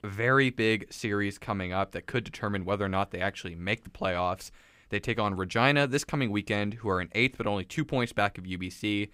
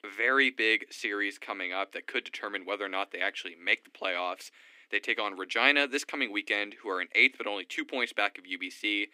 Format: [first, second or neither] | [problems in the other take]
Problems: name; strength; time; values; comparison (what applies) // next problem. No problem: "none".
first | thin; somewhat; fading below 250 Hz